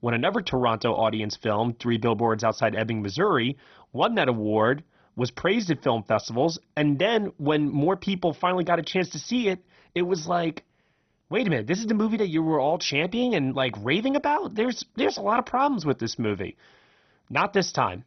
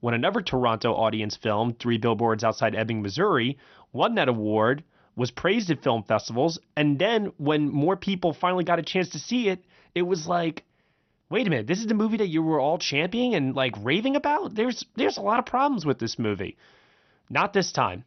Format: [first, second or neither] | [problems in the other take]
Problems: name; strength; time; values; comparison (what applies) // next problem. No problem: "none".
second | garbled, watery; badly; nothing above 6 kHz; slightly in the second